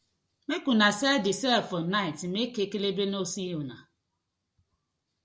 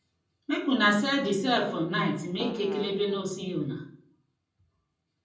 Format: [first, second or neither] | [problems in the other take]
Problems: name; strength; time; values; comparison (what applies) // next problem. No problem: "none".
first | background sound (Fart); 12 dB below the speech // room echo; dies away in 0.6 s